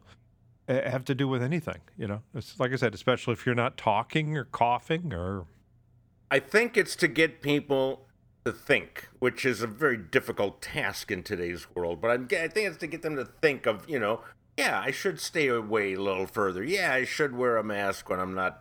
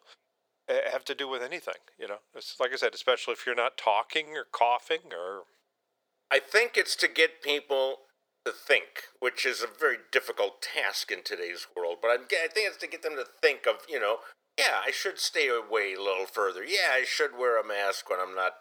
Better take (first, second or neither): first